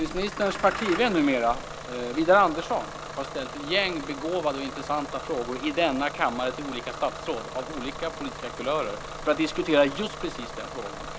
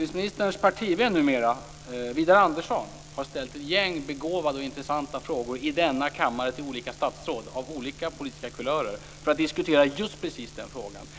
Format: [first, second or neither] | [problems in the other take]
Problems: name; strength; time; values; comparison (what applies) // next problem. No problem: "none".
second | background sound (Engine starting / Bus); 10 dB below the speech